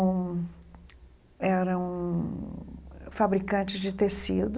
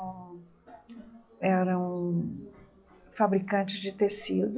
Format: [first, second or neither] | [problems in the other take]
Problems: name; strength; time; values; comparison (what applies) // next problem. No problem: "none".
first | noise reduction (classical method log-MMSE)